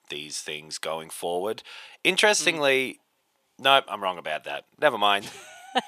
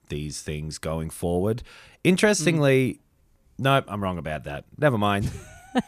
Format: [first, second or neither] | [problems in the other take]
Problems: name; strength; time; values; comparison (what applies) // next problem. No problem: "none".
second | thin; very; fading below 450 Hz